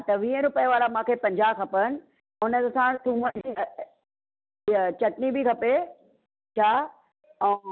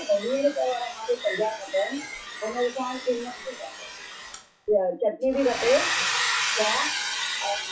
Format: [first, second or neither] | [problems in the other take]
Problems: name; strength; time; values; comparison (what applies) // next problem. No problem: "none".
first | noise reduction (classical method WPE with log-MMSE)